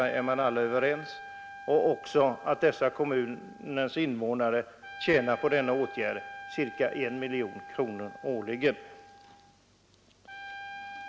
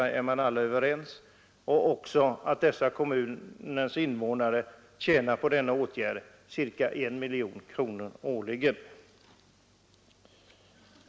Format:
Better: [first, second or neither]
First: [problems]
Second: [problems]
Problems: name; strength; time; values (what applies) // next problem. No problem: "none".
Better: second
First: background sound (Trumpet); 15 dB below the speech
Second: none